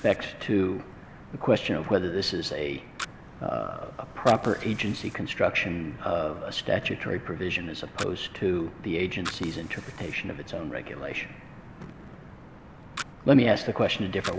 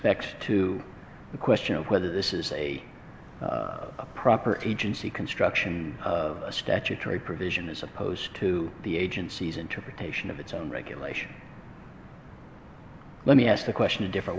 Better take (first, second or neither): second